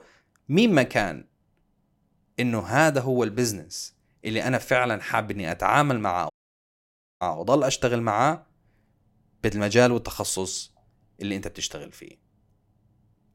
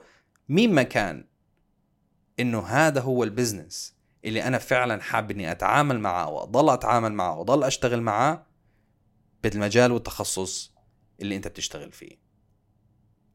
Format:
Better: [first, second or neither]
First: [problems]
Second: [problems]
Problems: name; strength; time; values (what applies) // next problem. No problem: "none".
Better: second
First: audio cutting out; at 6.5 s for 1 s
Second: none